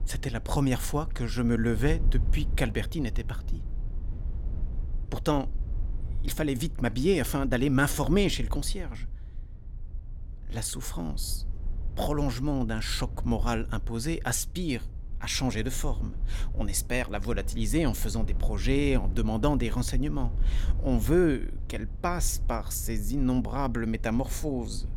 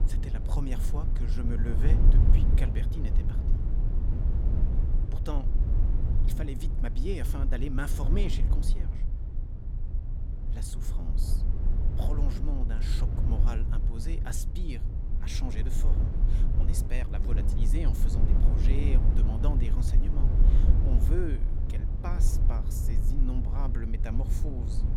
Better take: first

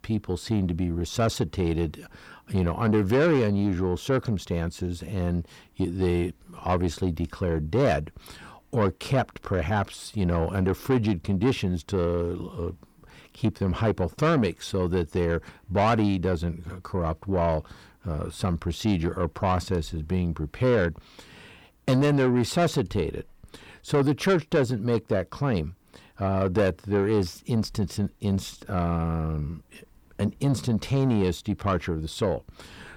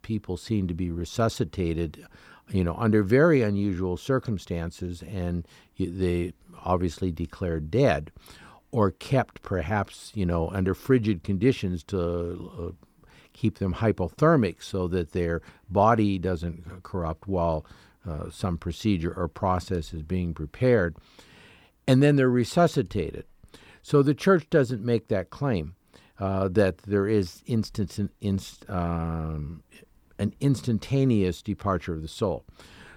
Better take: second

